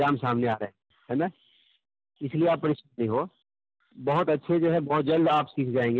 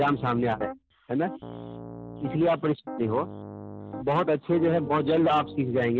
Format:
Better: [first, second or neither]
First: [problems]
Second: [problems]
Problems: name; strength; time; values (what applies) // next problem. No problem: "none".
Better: first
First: none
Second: background sound (Piano); 12 dB below the speech